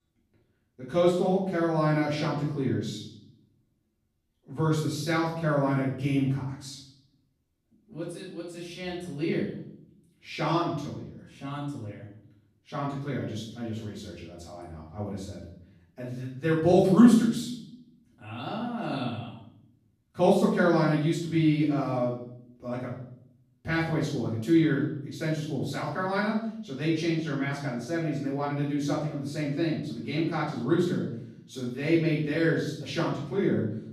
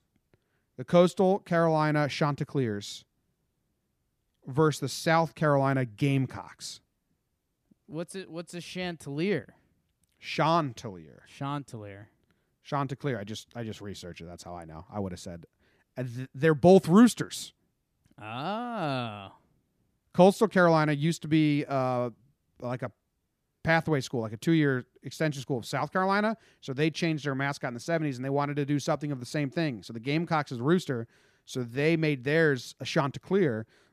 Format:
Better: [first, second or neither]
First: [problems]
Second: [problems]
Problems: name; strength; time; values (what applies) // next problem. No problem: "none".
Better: second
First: room echo; noticeable; dies away in 0.7 s // off-mic speech; far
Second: none